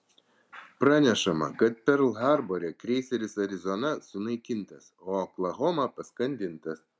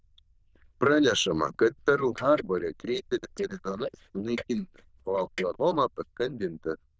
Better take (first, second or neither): first